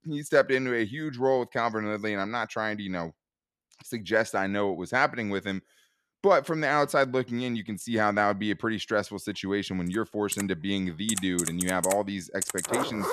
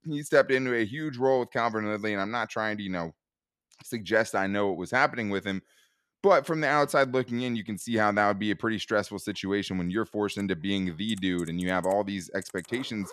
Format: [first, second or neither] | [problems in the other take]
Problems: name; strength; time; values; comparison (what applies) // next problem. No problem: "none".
second | household noises; loud; from 10 s on; 4 dB below the speech; faint in the second